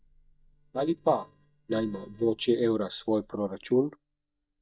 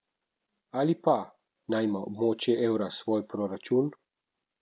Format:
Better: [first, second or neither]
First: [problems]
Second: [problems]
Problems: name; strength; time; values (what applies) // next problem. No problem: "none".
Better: second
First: noise reduction (neural mask model DeepFilterNet 3)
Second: none